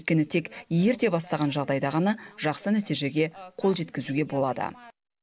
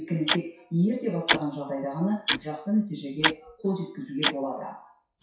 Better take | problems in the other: first | noise reduction (classical method WPE with log-MMSE)

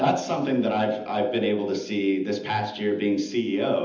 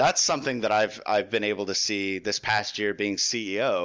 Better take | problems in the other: second | room echo; dies away in 0.8 s

